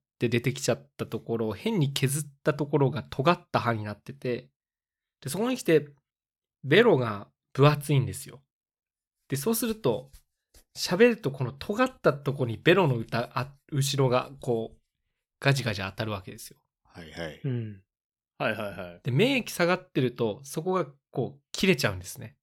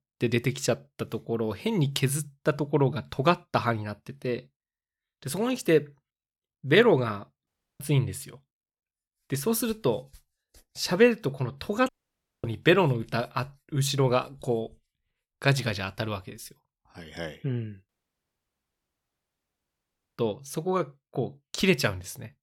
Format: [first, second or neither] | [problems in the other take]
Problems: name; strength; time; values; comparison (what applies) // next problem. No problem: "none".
first | audio cutting out; at 7.5 s, at 12 s for 0.5 s and at 18 s for 2.5 s